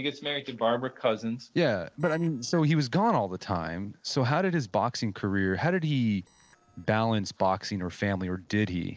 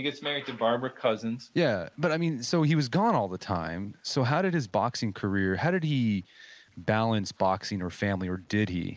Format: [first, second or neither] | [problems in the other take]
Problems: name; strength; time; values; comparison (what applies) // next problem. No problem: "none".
second | noise reduction (neural separator model SepFormer DNS4)